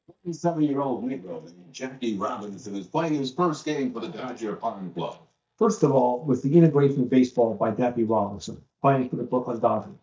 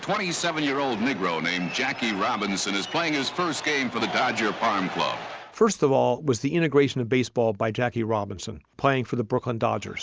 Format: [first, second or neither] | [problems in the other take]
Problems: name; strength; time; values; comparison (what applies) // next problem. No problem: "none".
second | noise reduction (neural mask model DeepFilterNet 3)